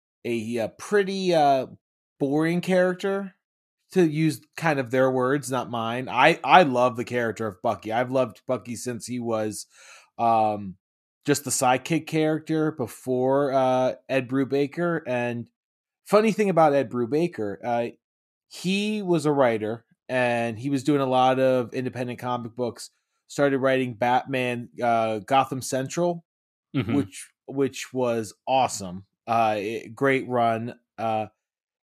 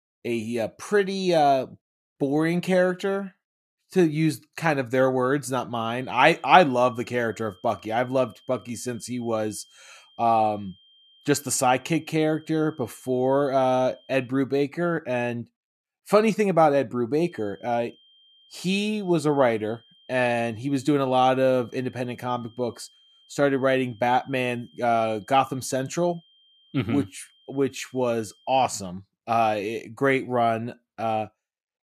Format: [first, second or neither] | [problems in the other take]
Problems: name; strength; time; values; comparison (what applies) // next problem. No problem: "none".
first | high-pitched whine; faint; from 6 to 14 s and from 17 to 29 s; 3 kHz, 30 dB below the speech